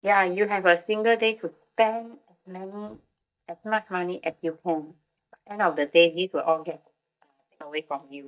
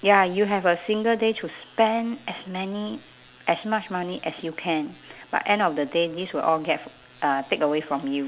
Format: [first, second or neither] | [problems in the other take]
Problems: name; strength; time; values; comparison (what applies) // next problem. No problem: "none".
second | noise reduction (neural mask model DeepFilterNet 3)